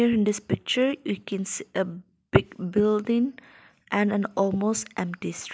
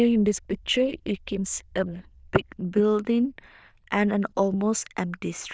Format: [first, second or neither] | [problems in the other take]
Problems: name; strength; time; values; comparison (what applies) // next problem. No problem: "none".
first | noise reduction (neural diffusion model UNIVERSE++)